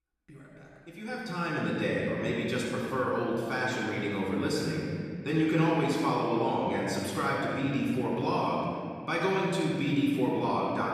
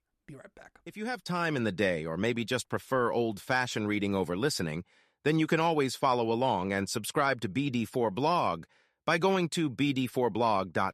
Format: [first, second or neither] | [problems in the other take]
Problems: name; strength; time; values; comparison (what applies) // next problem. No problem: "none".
second | off-mic speech; far // room echo; strong; dies away in 2.4 s